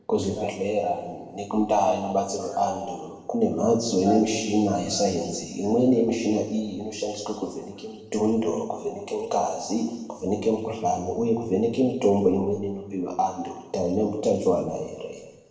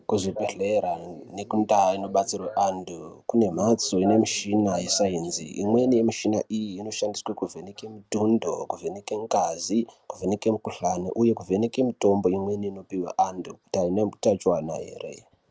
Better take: second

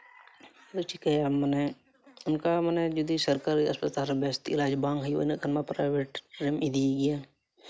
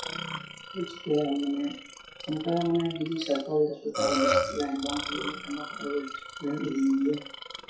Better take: first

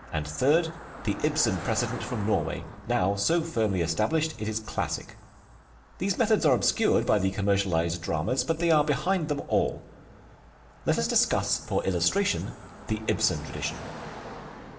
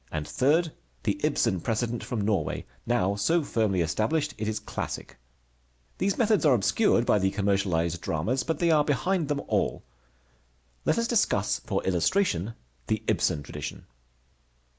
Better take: second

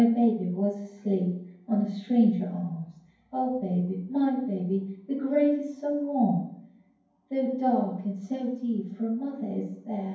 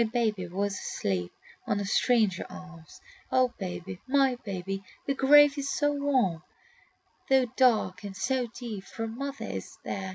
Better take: second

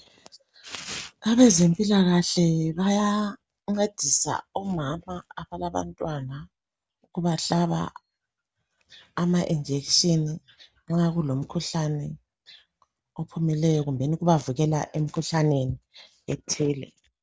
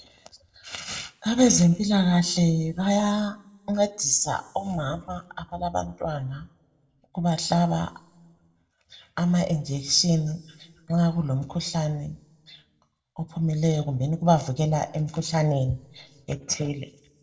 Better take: first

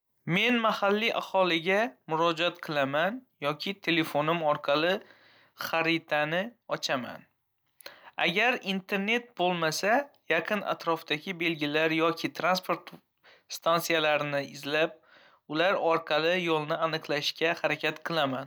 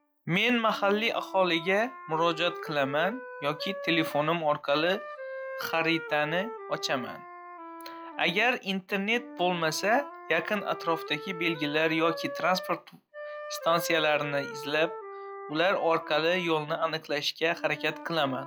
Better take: first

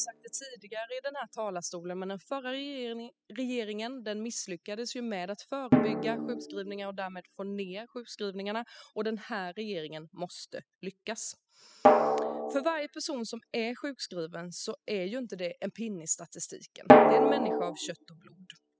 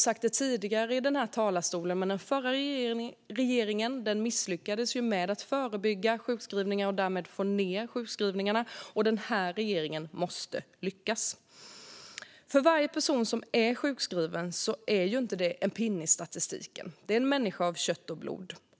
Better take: second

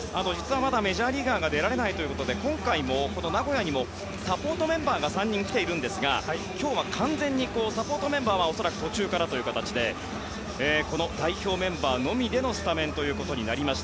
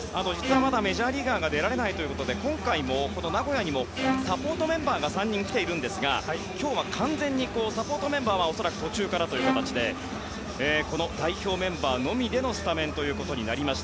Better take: first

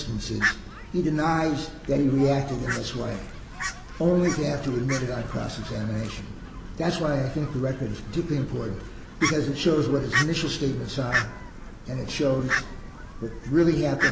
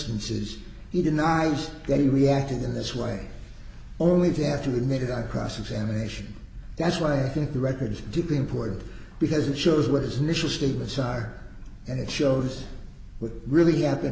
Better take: second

